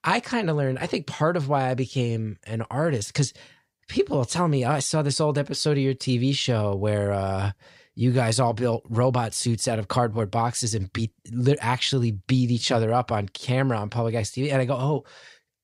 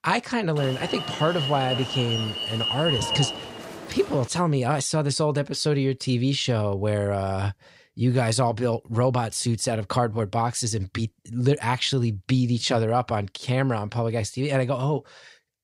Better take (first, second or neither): first